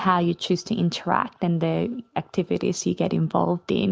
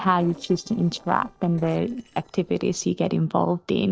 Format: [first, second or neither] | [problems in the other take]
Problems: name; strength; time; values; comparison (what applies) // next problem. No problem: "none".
first | noise reduction (neural separator model SepFormer DNS4)